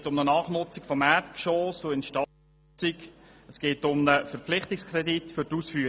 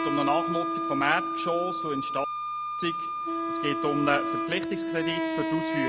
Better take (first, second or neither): first